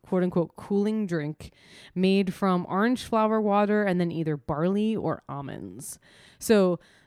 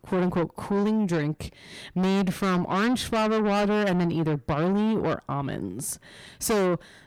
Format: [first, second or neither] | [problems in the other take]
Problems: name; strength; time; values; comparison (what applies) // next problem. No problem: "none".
first | distortion; heavy; 6 dB below the speech